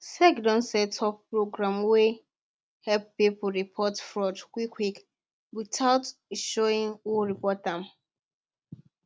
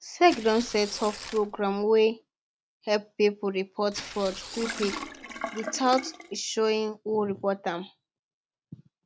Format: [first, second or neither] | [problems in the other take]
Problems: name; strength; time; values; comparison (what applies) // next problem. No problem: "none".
first | background sound (Tearing + Sink (filling or washing)); 12 dB below the speech